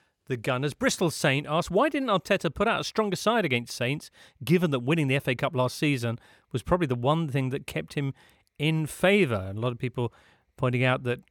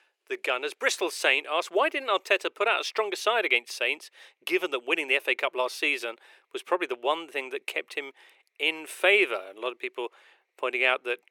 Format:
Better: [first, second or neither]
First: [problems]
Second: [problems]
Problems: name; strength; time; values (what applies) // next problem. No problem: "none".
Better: first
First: none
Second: thin; very; fading below 350 Hz